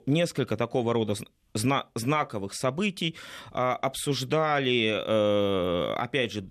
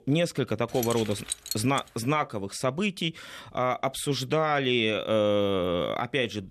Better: first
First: none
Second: jangling keys; noticeable; from 1 to 2 s; peak 5 dB below the speech

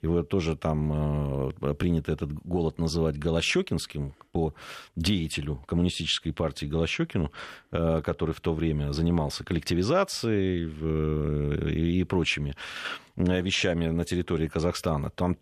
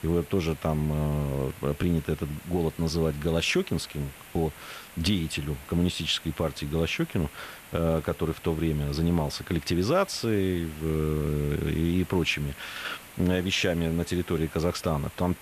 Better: first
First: none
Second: hiss; noticeable; throughout; 20 dB below the speech

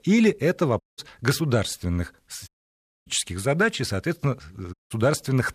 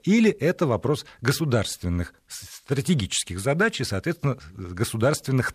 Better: second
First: audio cutting out; at 1 s, at 2.5 s for 0.5 s and at 4.5 s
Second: none

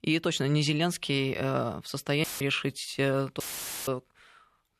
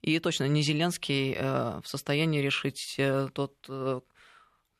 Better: second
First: audio cutting out; filled with static; at 2 s and at 3.5 s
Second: none

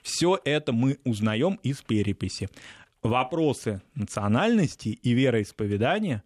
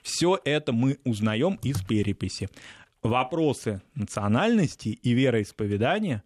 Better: first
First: none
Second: keyboard typing; noticeable; at 1.5 s; peak 9 dB below the speech

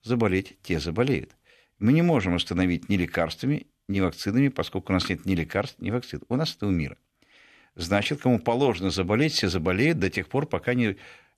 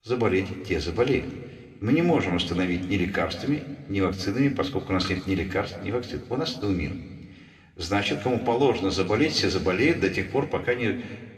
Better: first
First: none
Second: room echo; slight; dies away in 1.4 s

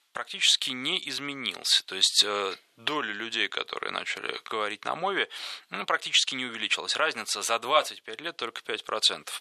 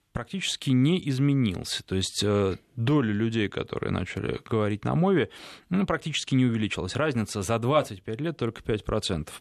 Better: second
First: thin; very; fading below 850 Hz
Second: none

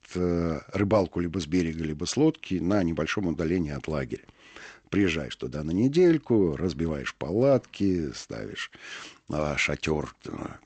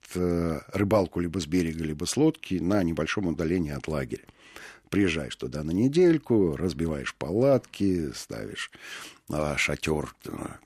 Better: second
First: garbled, watery; slightly; nothing above 7.5 kHz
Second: none

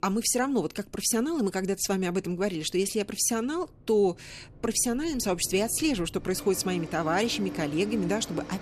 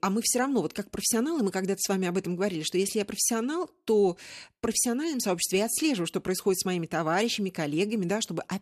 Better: second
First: train or aircraft noise; noticeable; throughout; 15 dB below the speech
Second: none

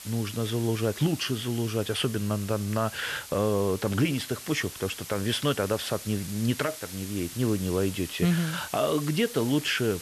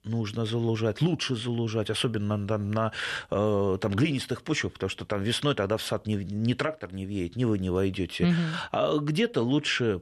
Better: second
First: hiss; noticeable; throughout; 10 dB below the speech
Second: none

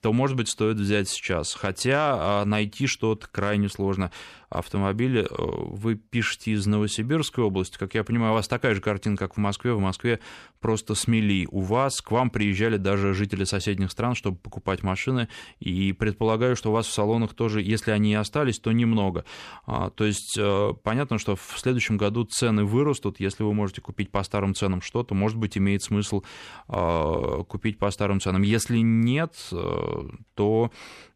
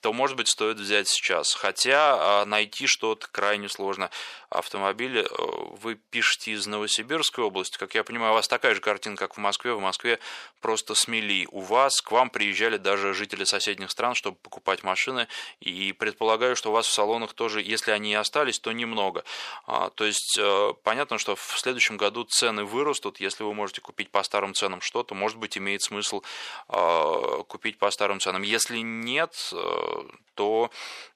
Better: first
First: none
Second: thin; very; fading below 650 Hz

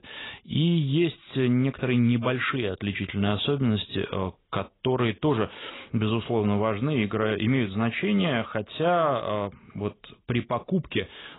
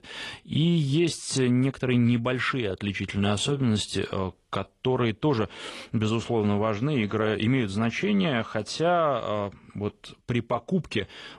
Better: second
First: garbled, watery; badly; nothing above 4 kHz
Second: garbled, watery; slightly

